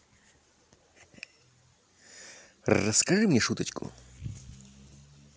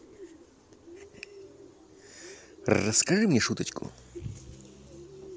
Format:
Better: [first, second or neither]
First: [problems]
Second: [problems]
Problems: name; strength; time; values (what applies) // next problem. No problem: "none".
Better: first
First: none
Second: background sound (Bird); 18 dB below the speech